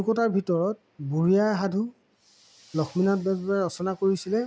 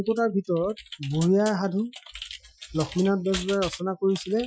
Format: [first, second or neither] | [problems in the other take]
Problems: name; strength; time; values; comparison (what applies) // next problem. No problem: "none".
first | noise reduction (classical method Wiener filter)